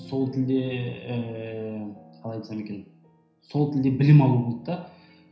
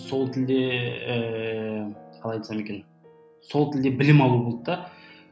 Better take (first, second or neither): second